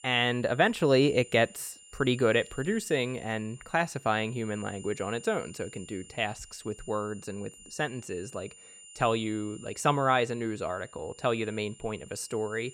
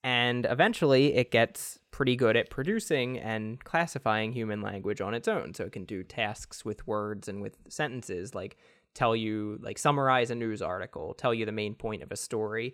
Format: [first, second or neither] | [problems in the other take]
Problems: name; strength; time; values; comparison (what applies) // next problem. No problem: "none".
second | high-pitched whine; noticeable; throughout; 7 kHz, 20 dB below the speech